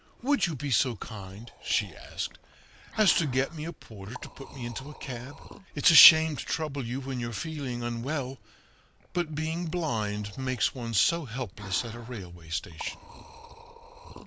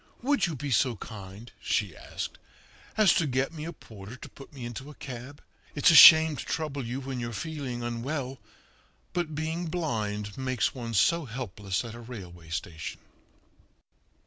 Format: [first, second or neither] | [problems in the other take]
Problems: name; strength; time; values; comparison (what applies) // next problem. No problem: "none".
second | background sound (Liquid); 19 dB below the speech